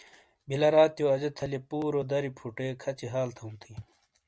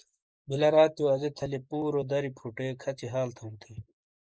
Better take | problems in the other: first | noise reduction (neural mask model Resemble Enhance denoiser)

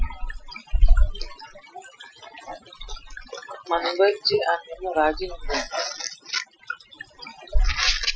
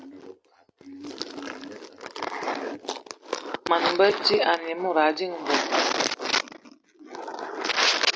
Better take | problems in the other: second | noise reduction (classical method Wiener filter)

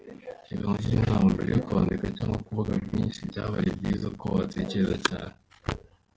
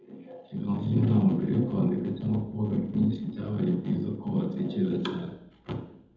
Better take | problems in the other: first | room echo; dies away in 0.8 s

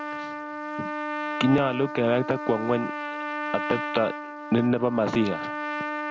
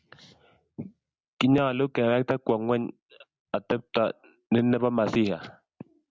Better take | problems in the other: second | background sound (Trumpet); 5 dB below the speech

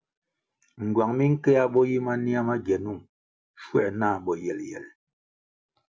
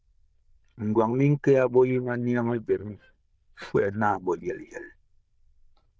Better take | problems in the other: first | noise reduction (neural diffusion model UNIVERSE++)

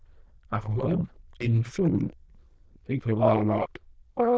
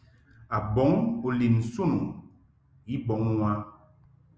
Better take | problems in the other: second | noise reduction (neural diffusion model UNIVERSE++)

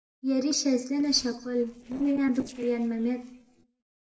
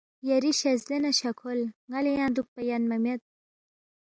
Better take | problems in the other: second | noise reduction (neural separator model SepFormer DNS4)

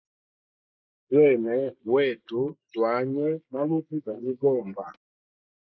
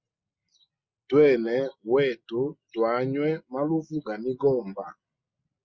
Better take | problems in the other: second | noise reduction (neural mask model Resemble Enhance denoiser)

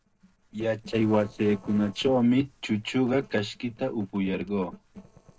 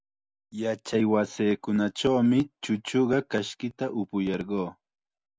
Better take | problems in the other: second | noise reduction (neural separator model SepFormer DNS4)

